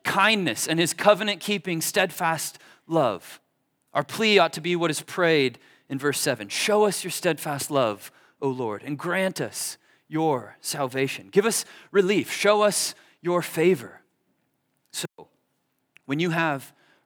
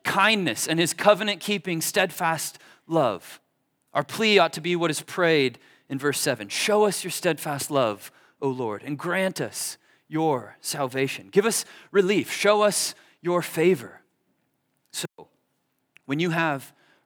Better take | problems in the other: neither | none

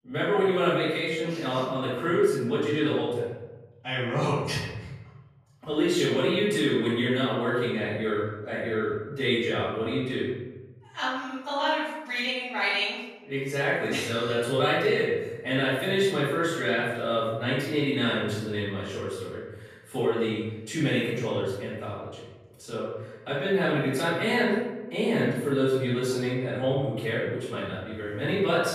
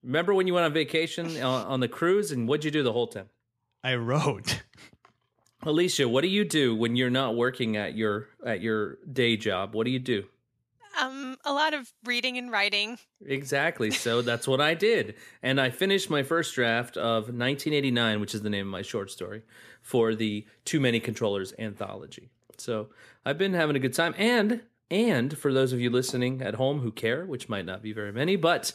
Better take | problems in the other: second | room echo; strong; dies away in 1.1 s // off-mic speech; far

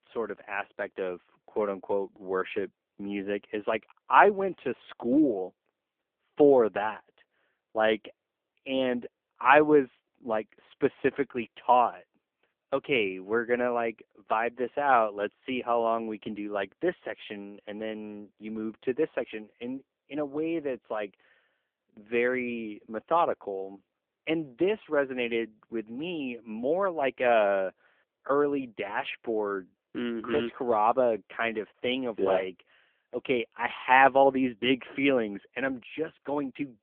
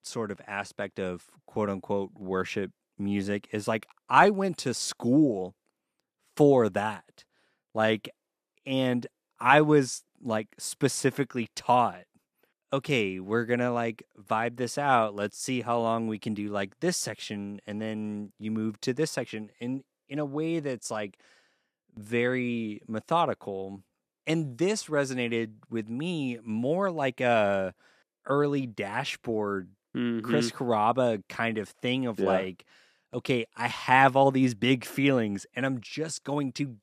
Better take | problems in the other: second | phone-call audio; poor line; nothing above 3.5 kHz

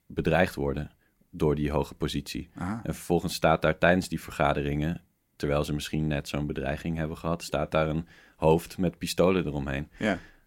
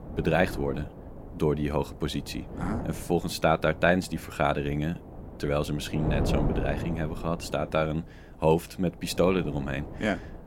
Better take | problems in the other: first | wind noise on the microphone; occasional gusts; 15 dB below the speech

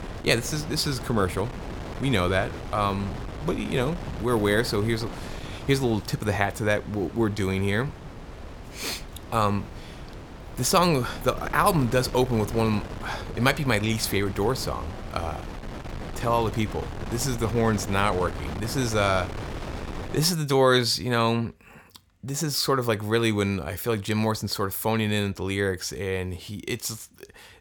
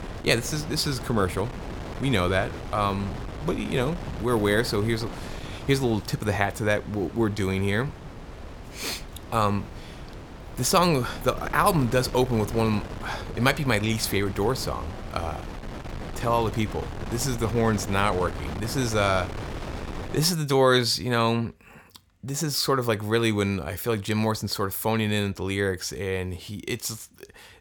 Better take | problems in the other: neither | wind noise on the microphone; occasional gusts; until 20 s; 15 dB below the speech; the same in both

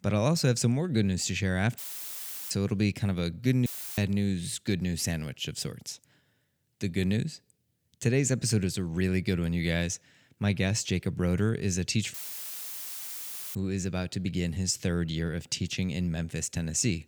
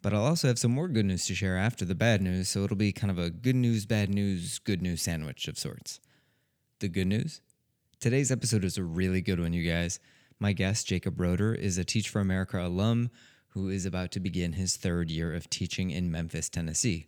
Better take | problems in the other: second | audio cutting out; filled with static; at 2 s for 0.5 s, at 3.5 s and at 12 s for 1.5 s

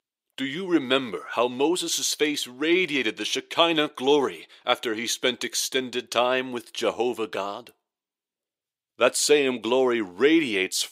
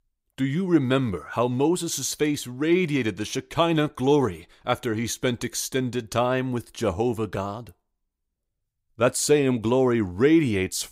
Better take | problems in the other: second | thin; somewhat; fading below 400 Hz

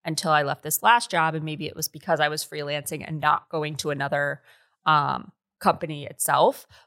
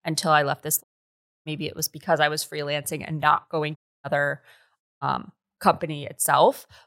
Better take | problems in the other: first | audio cutting out; at 1 s for 0.5 s, at 4 s and at 5 s

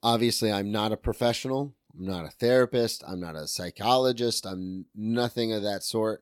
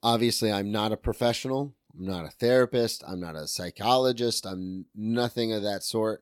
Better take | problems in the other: neither | none

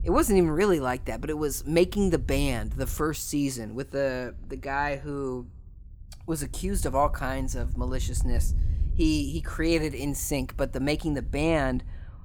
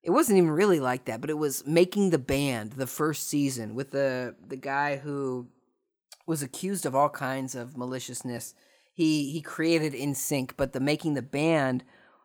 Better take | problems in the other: second | wind noise on the microphone; occasional gusts; 25 dB below the speech

